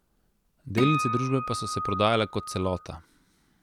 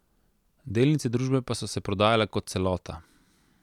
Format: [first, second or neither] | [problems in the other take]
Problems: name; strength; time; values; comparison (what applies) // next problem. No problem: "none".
second | background sound (Acoustic guitar); 3 dB below the speech